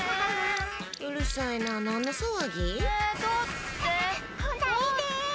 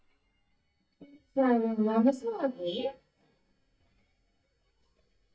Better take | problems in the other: first | noise reduction (neural mask model DeepFilterNet 3)

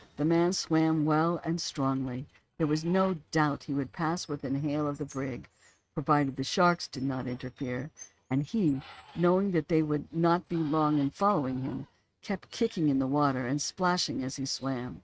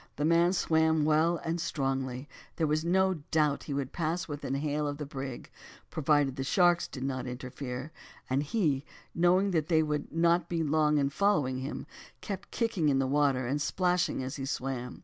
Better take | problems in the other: second | noise reduction (neural mask model RNNoise)

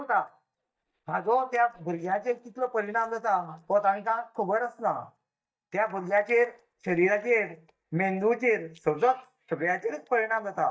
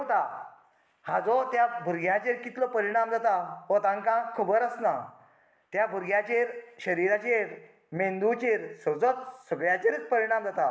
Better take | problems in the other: second | noise reduction (neural mask model DeepFilterNet 3)

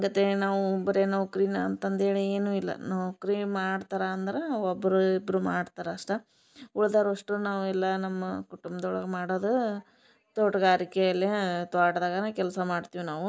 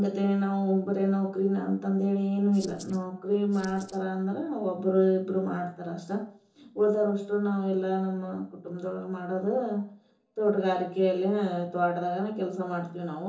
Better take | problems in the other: first | noise reduction (neural separator model SepFormer DNS4)

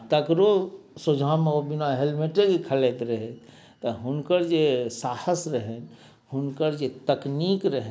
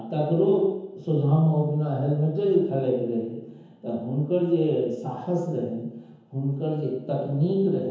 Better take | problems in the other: first | room echo; dies away in 0.9 s

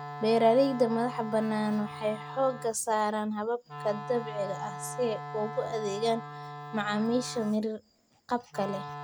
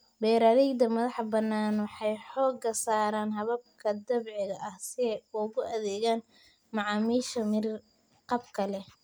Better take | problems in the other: second | background sound (Wind instrument, woodwind instrument); 11 dB below the speech

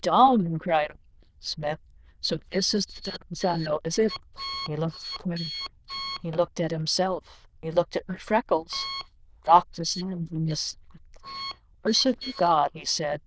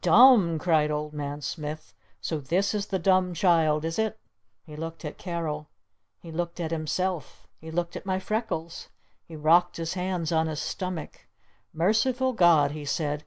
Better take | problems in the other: second | noise reduction (neural diffusion model UNIVERSE++)

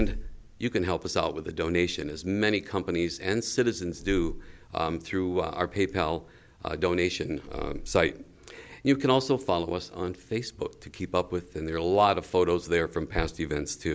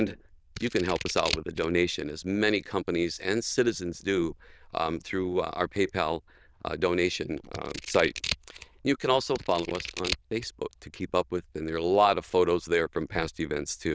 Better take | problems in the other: first | noise reduction (neural diffusion model UNIVERSE++)

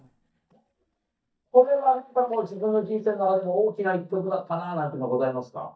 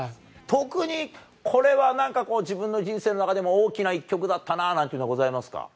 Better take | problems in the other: second | noise reduction (neural mask model DeepFilterNet 3)

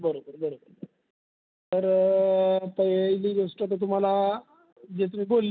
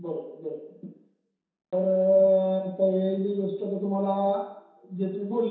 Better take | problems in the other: first | room echo; dies away in 0.7 s

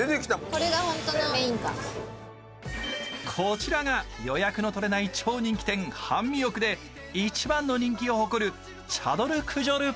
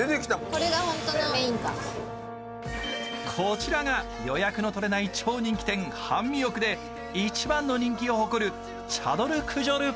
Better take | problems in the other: first | background sound (Brass instrument); 11 dB below the speech

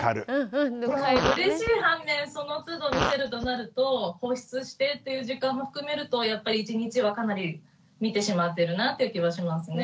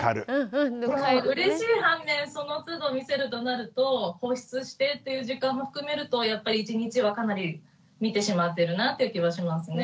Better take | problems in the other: second | background sound (Fart); 6 dB below the speech

